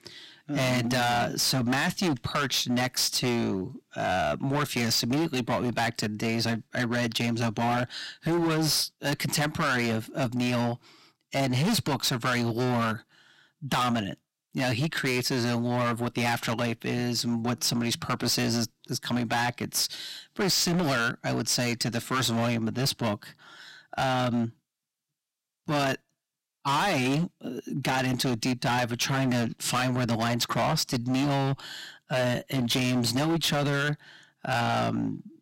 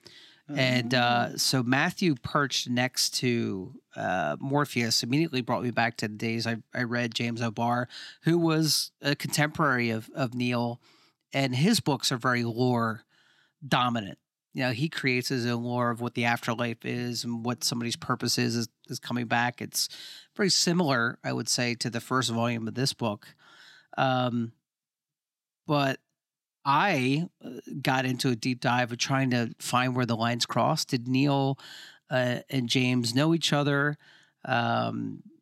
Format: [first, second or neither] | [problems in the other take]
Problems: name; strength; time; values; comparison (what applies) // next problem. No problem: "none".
second | distortion; heavy; 19% of the sound clipped